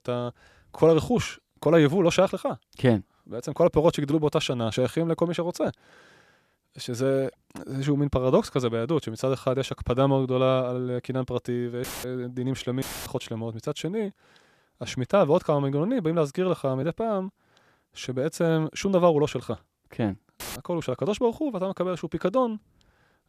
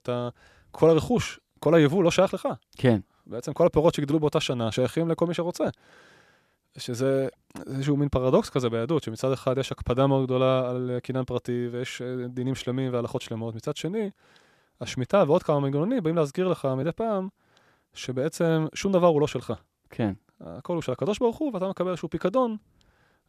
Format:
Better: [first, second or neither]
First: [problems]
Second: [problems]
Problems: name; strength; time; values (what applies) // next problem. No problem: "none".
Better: second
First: audio cutting out; filled with static; at 12 s, at 13 s and at 20 s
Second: none